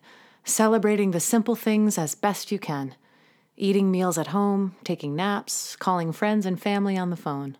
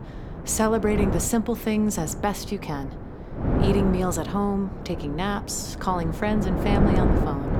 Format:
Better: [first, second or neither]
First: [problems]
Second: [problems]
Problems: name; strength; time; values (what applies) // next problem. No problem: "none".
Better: first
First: none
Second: wind noise on the microphone; heavy; 5 dB below the speech